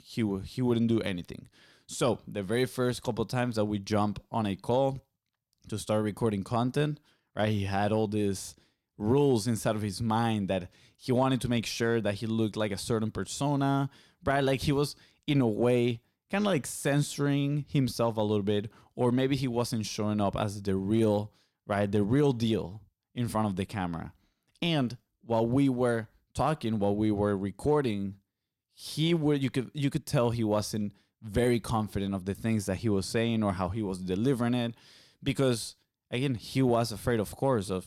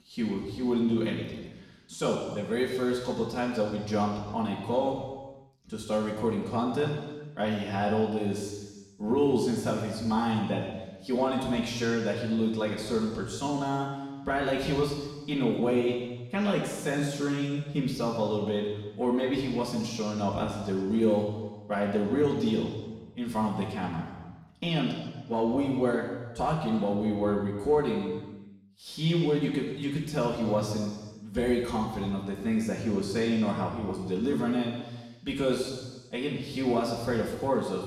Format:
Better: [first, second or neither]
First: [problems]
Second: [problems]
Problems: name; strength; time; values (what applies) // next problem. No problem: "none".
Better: first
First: none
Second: room echo; noticeable; dies away in 1.2 s // off-mic speech; far